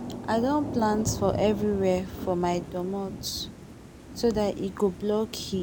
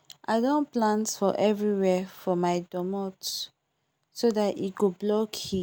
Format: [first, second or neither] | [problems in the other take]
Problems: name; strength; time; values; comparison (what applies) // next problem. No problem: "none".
second | background sound (Thunder / Rain); 9 dB below the speech